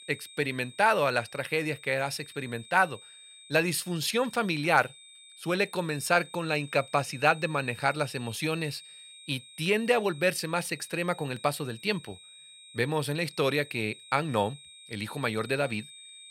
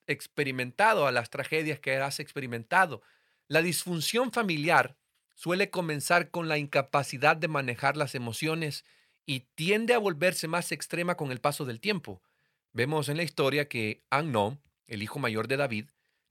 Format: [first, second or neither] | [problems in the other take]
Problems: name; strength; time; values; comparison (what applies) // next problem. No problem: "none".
second | high-pitched whine; noticeable; throughout; 3.5 kHz, 20 dB below the speech